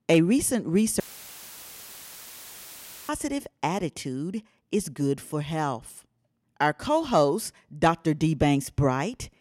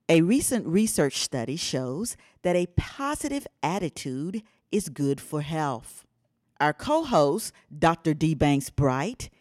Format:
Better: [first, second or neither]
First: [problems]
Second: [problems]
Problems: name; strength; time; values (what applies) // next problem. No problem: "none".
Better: second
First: audio cutting out; filled with static; at 1 s for 2 s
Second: none